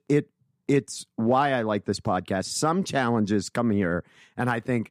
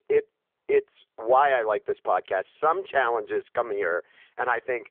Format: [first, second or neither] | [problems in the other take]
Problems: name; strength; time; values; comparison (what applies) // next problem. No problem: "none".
first | phone-call audio; poor line; nothing above 3.5 kHz